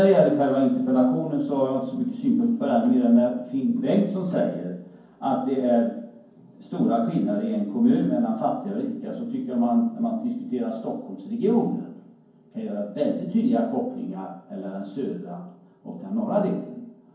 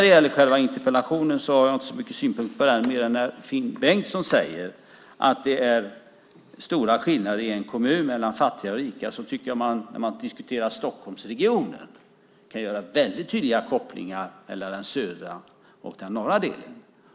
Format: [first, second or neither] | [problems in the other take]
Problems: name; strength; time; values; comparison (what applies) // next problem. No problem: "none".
second | room echo; dies away in 0.9 s